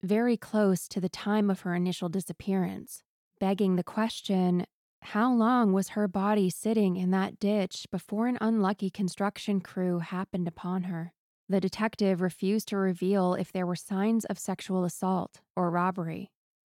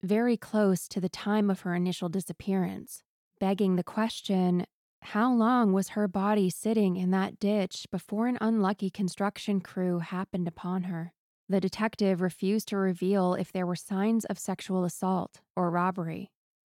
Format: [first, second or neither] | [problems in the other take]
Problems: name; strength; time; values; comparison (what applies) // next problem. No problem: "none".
neither | none